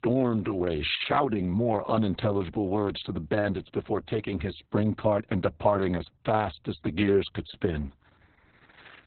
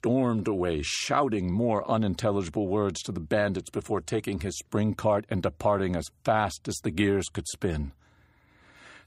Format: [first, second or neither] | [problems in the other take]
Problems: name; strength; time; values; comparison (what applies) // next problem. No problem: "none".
second | garbled, watery; badly; nothing above 4 kHz